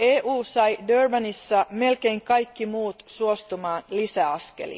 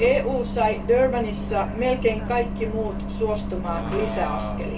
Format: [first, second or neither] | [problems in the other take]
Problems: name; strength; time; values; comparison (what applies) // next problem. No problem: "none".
first | background sound (Bus); 4 dB below the speech // room echo; dies away in 0.2 s